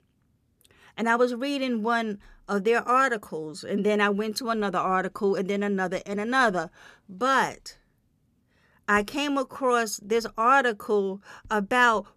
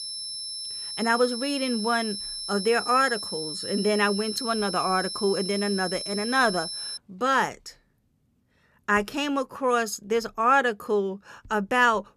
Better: first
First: none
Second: high-pitched whine; loud; until 7 s; 5.5 kHz, 6 dB below the speech

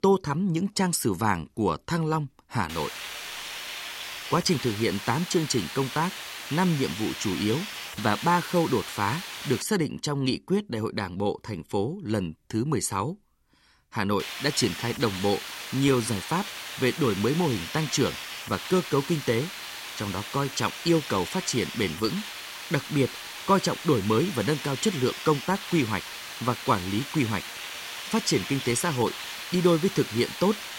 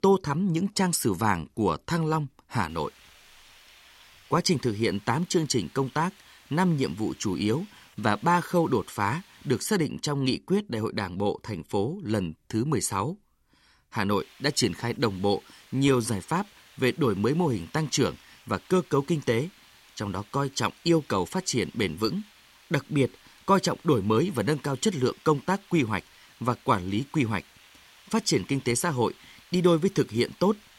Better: second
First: hiss; loud; from 2.5 to 9.5 s and from 14 s on; 8 dB below the speech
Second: hiss; faint; from 2.5 to 9.5 s and from 14 s on; 25 dB below the speech

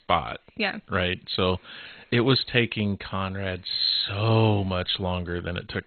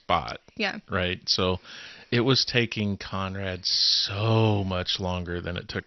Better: second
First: garbled, watery; badly; nothing above 4 kHz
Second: garbled, watery; slightly; nothing above 5.5 kHz

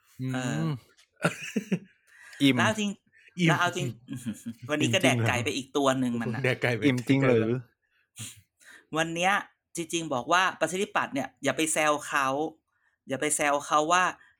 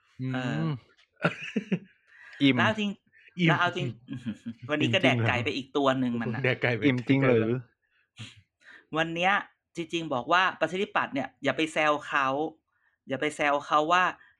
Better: first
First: none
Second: muffled; slightly; fading above 3 kHz

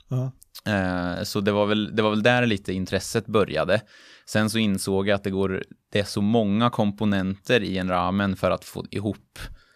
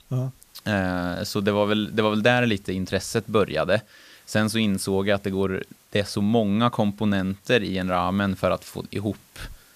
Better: first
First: none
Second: hiss; faint; throughout; 30 dB below the speech

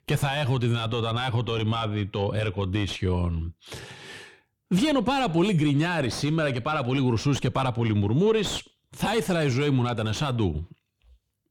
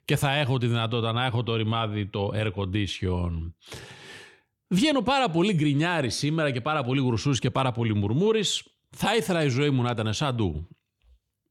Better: second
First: distortion; slight; 9 dB below the speech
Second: none

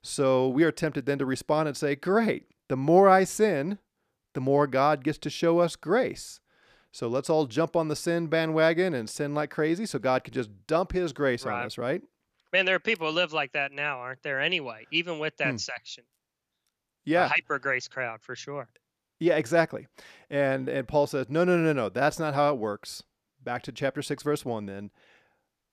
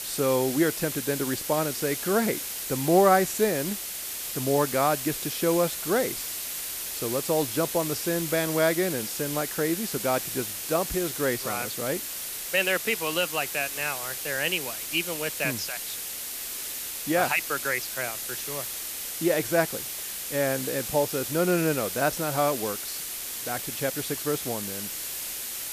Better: first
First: none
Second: hiss; loud; throughout; 4 dB below the speech

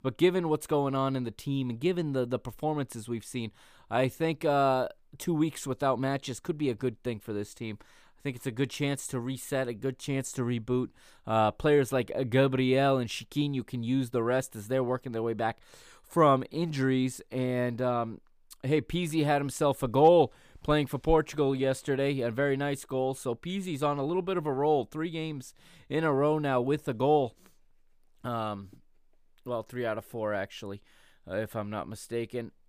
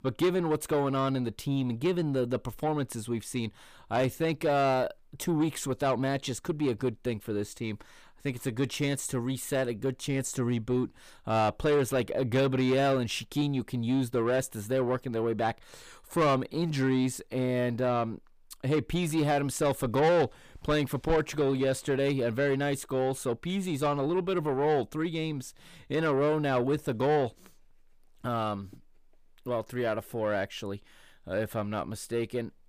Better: first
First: none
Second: distortion; slight; 10 dB below the speech

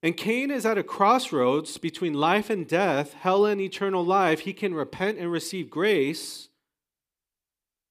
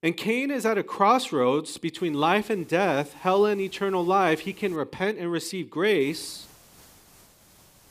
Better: first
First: none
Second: hiss; faint; from 2 to 5 s and from 6 s on; 30 dB below the speech

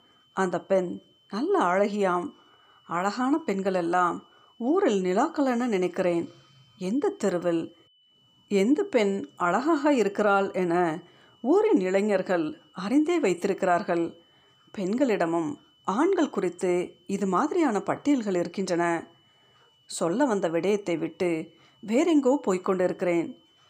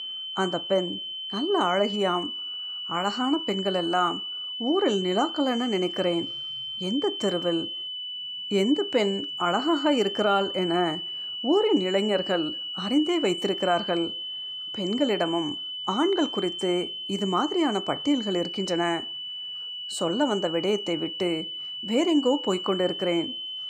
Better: first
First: high-pitched whine; faint; throughout; 3 kHz, 35 dB below the speech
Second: high-pitched whine; loud; throughout; 3 kHz, 5 dB below the speech

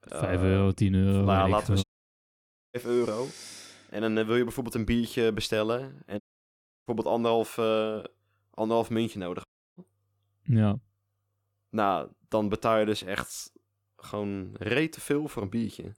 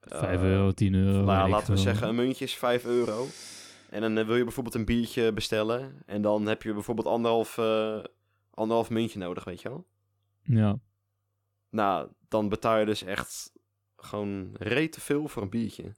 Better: second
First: audio cutting out; at 2 s for 1 s, at 6 s for 0.5 s and at 9.5 s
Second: none

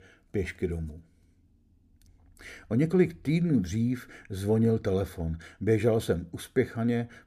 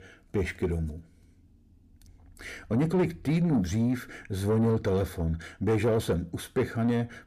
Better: first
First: none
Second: distortion; slight; 10 dB below the speech

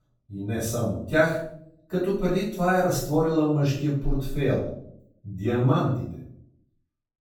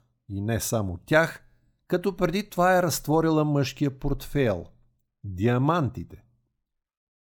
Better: second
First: room echo; noticeable; dies away in 0.6 s // off-mic speech; far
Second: none

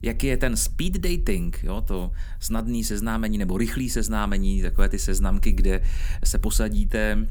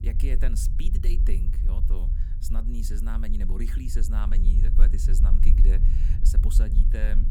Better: first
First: low rumble; faint; throughout; 25 dB below the speech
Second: low rumble; loud; throughout; 4 dB below the speech

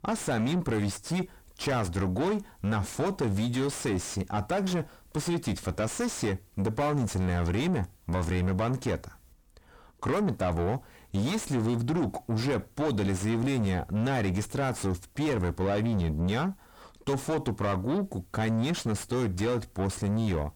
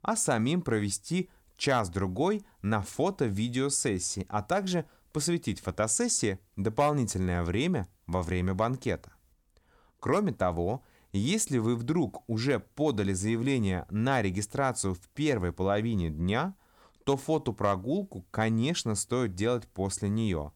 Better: second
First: distortion; heavy; 6 dB below the speech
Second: none

